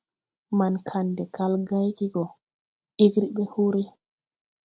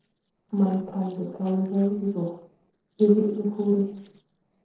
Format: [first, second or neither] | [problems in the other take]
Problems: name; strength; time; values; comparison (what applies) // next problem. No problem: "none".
first | noise reduction (neural separator model SepFormer DNS4)